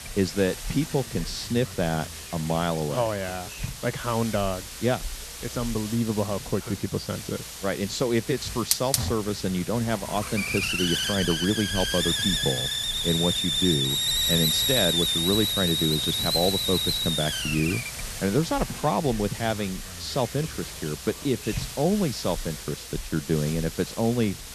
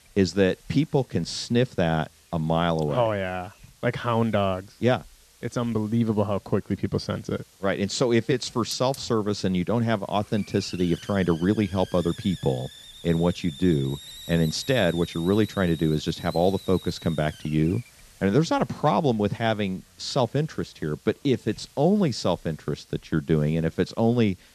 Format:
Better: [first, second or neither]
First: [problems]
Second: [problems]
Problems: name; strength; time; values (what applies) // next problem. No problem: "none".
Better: second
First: hiss; loud; throughout; as loud as the speech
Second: hiss; faint; throughout; 20 dB below the speech